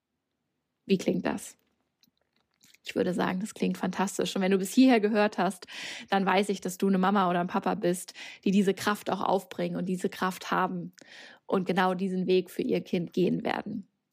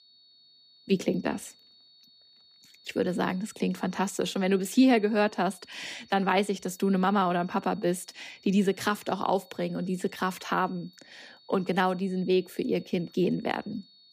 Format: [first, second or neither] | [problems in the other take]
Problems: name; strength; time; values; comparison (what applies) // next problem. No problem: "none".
first | high-pitched whine; faint; throughout; 4.5 kHz, 25 dB below the speech